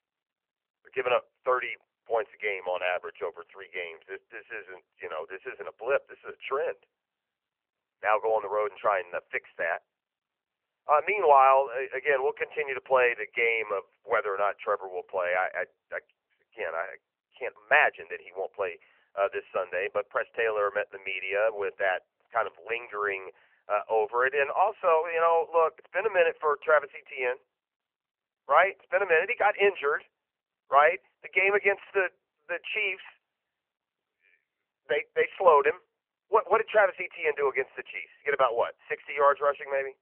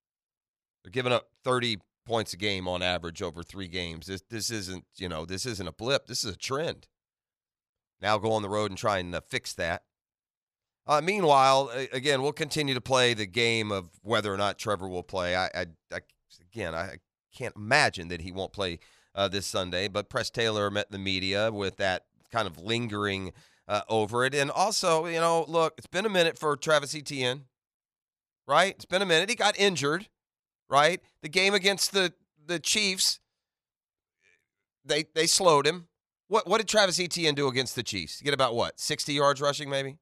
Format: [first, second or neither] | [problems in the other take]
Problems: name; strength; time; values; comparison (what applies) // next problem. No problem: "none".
second | phone-call audio; nothing above 3 kHz